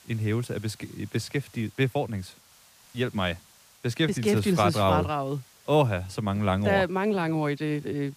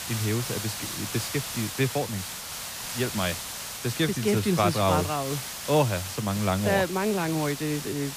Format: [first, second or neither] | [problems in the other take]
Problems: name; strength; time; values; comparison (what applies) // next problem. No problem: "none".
first | hiss; loud; throughout; 6 dB below the speech; faint in the first